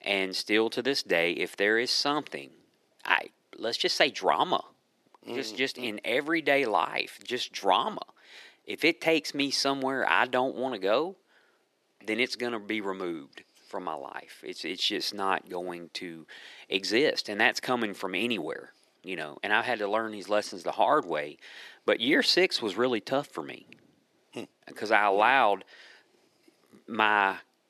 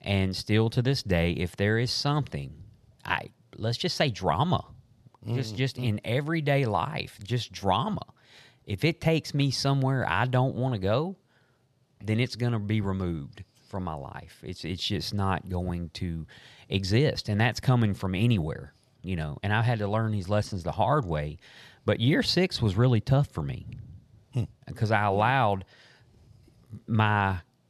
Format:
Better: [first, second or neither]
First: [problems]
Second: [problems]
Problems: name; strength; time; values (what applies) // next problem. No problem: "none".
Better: second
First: thin; somewhat; fading below 300 Hz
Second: none